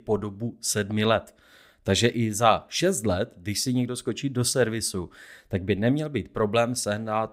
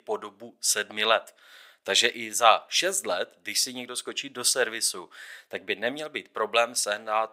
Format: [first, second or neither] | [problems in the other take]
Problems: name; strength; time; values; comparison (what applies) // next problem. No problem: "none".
first | thin; very; fading below 700 Hz